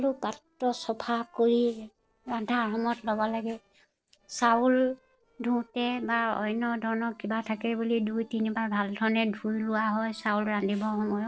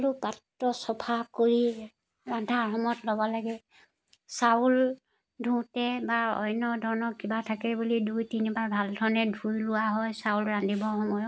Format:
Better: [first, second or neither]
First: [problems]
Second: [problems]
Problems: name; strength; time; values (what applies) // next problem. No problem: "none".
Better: second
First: noise reduction (neural separator model SepFormer DNS4)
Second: none